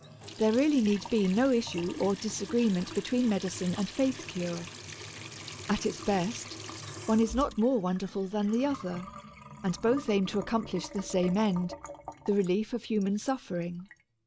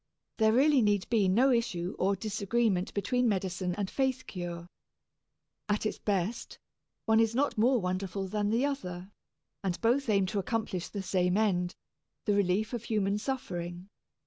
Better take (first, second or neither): second